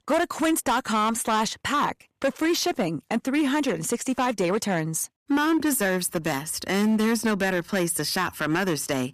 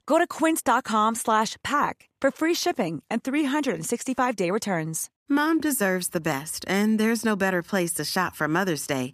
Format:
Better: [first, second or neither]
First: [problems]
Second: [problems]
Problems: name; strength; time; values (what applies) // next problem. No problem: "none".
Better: second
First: distortion; slight; 10% of the sound clipped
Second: none